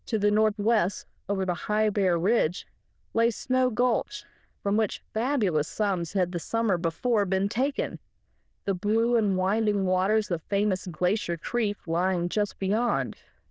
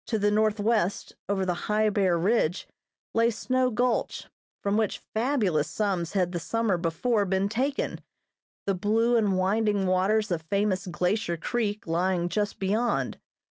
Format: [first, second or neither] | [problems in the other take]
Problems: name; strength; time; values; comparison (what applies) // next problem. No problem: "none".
second | noise reduction (neural diffusion model UNIVERSE++)